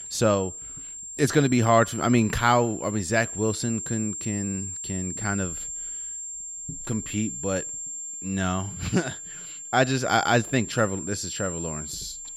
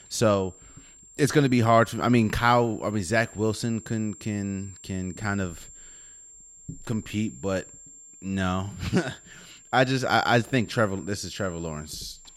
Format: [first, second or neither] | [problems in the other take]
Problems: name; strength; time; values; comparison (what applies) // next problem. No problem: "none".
second | high-pitched whine; loud; throughout; 7.5 kHz, 8 dB below the speech; faint in the second